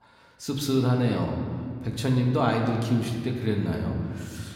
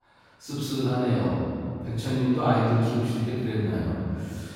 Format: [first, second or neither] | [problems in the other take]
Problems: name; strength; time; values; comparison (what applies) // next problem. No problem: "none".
first | room echo; strong; dies away in 2.2 s; slight in the first // off-mic speech; far